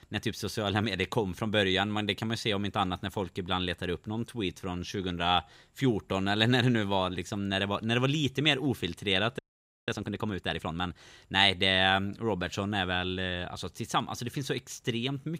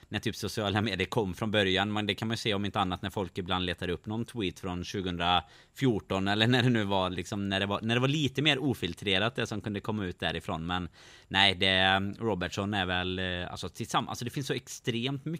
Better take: second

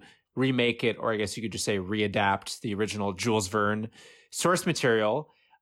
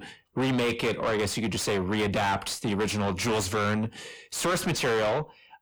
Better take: first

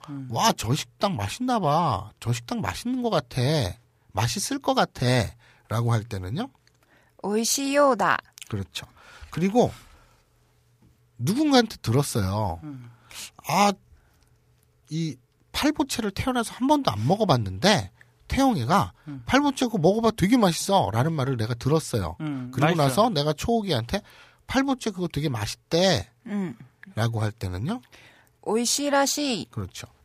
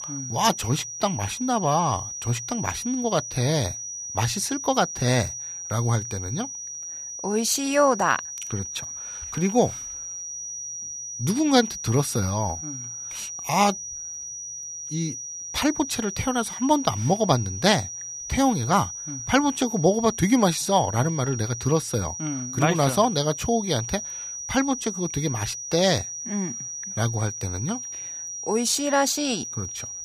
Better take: first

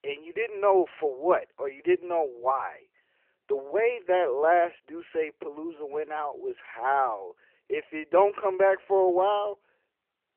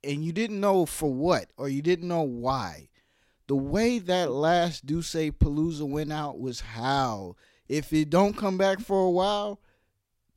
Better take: second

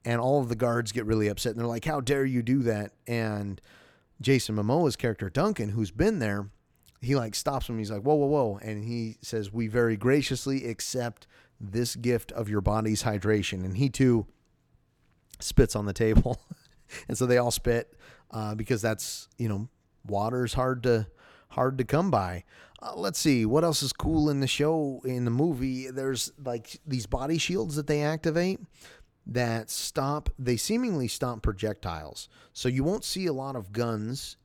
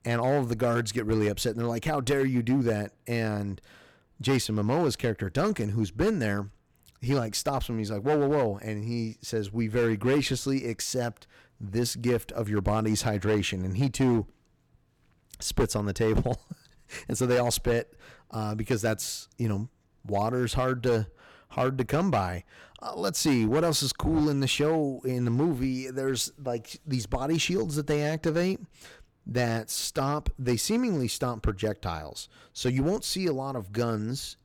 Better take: first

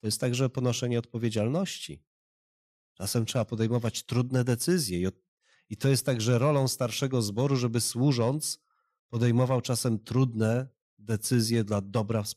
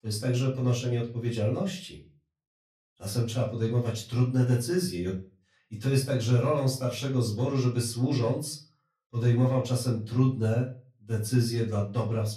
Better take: first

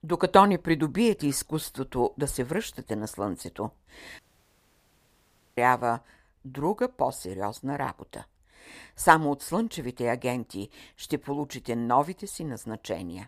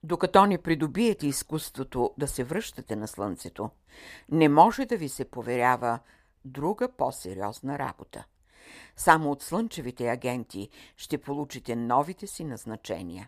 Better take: second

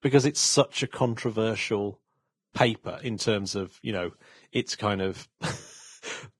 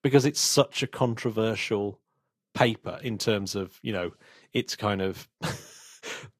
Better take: second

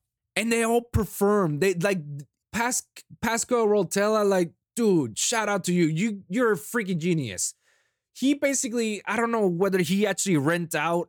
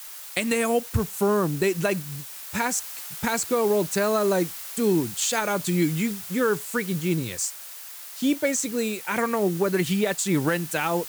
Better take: first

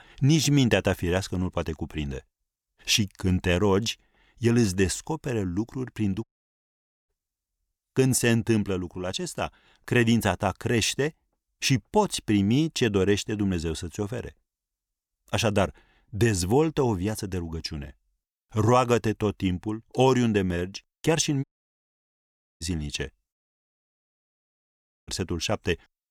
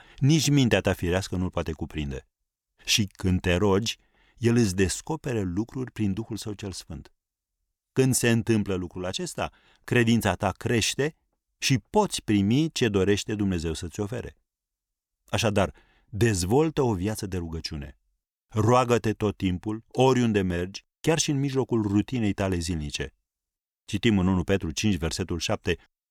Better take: second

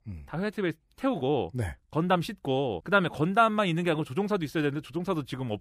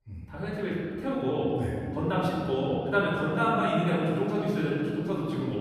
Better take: first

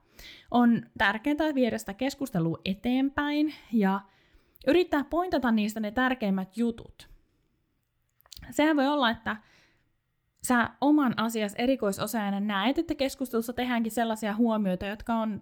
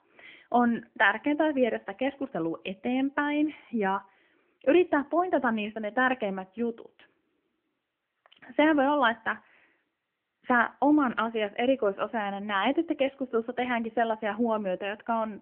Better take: first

